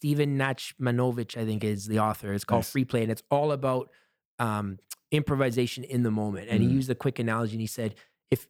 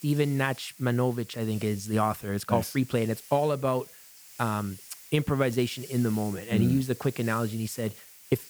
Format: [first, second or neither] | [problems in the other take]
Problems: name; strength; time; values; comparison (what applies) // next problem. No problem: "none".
first | hiss; noticeable; throughout; 15 dB below the speech